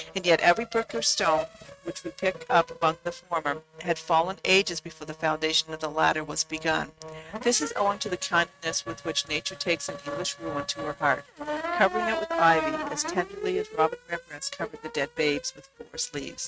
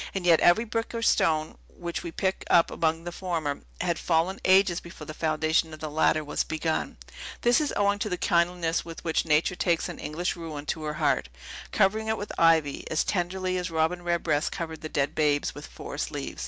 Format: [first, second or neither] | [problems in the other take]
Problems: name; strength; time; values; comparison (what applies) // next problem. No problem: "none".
second | noise reduction (neural mask model RNNoise)